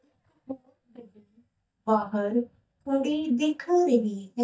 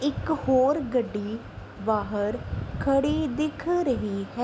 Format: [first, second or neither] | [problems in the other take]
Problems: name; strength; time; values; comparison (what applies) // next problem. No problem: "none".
second | noise reduction (neural mask model DeepFilterNet 3)